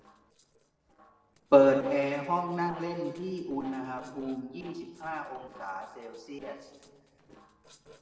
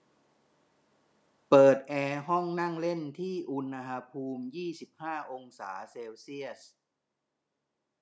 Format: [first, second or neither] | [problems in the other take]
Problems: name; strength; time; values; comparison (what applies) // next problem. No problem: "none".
second | noise reduction (neural separator model SepFormer DNS4)